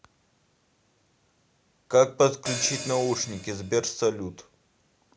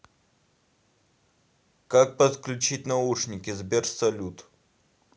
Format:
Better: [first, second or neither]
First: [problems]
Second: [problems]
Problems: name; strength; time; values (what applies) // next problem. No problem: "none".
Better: second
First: background sound (Hi-hat); 9 dB below the speech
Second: none